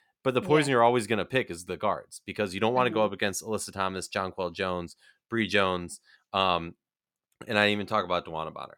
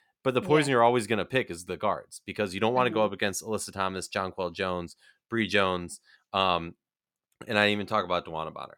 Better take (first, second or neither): neither